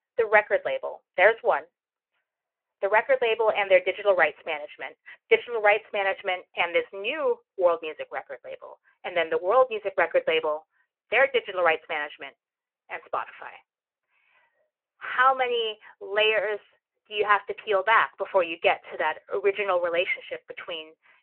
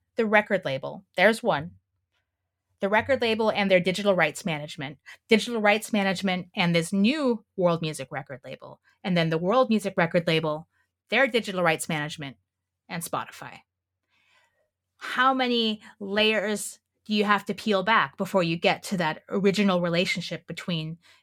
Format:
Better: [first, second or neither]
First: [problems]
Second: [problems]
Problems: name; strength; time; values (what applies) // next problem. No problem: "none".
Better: second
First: phone-call audio; nothing above 3 kHz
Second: none